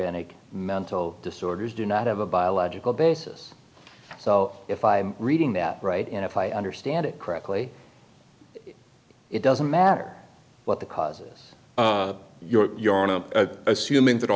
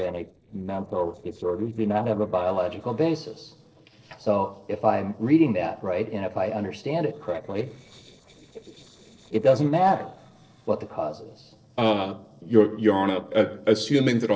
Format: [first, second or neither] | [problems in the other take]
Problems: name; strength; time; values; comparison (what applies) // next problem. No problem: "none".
first | noise reduction (neural separator model SepFormer DNS4)